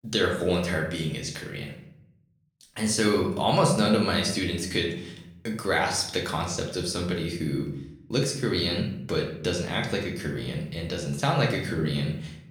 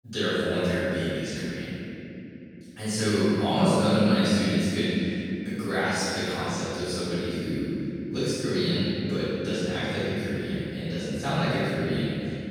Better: first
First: room echo; slight; dies away in 0.6 s // off-mic speech; somewhat distant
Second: room echo; strong; dies away in 3 s // off-mic speech; far

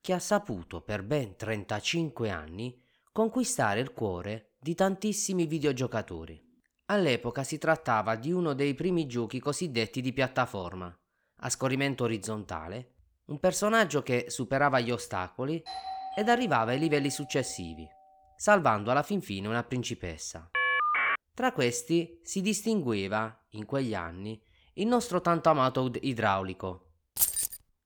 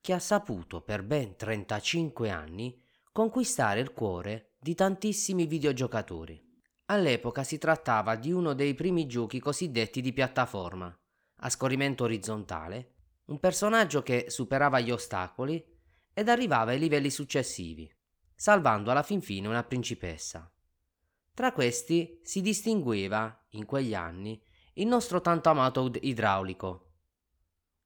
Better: second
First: doorbell; noticeable; from 16 to 18 s; peak 8 dB below the speech // phone ringing; loud; at 21 s; peak 4 dB above the speech // jangling keys; loud; at 27 s; peak 4 dB above the speech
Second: none

